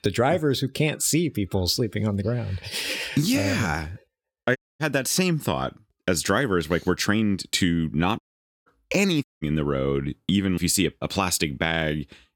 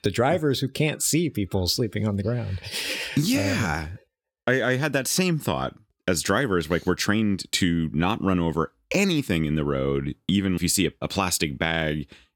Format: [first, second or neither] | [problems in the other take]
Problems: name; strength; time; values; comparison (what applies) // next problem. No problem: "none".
second | audio cutting out; at 4.5 s, at 8 s and at 9 s